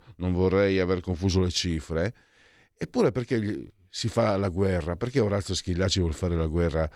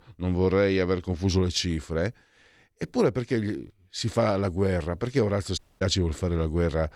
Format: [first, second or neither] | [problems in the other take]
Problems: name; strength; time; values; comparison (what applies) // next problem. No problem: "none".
first | audio cutting out; at 5.5 s